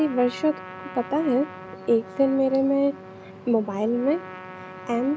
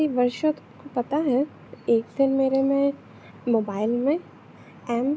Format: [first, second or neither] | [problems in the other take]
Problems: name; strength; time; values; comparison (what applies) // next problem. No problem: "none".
second | background sound (Trumpet); 16 dB below the speech